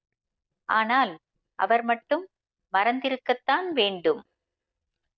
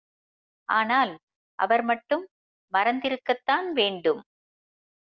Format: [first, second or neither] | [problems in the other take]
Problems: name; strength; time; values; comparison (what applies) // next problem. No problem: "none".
second | noise reduction (neural mask model DeepFilterNet 3)